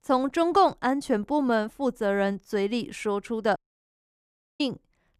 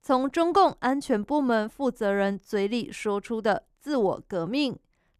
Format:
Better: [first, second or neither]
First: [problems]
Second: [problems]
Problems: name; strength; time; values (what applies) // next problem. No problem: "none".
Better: second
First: audio cutting out; at 3.5 s for 1 s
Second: none